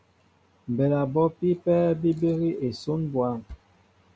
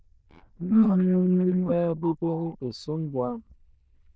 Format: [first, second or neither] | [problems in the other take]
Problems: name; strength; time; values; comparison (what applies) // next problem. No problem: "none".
first | noise reduction (neural diffusion model UNIVERSE++)